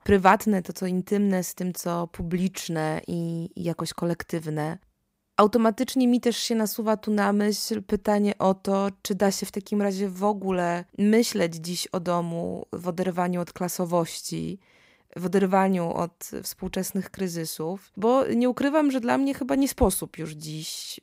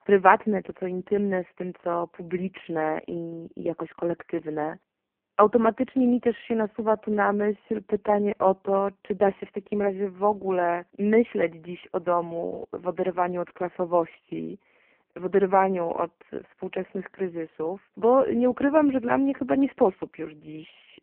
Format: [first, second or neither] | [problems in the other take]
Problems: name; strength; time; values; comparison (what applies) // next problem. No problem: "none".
first | phone-call audio; poor line